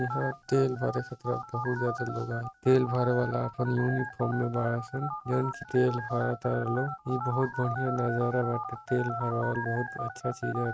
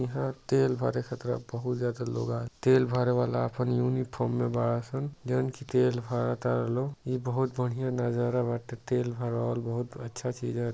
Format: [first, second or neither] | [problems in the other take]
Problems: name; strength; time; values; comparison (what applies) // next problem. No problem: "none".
second | noise reduction (neural mask model RNNoise)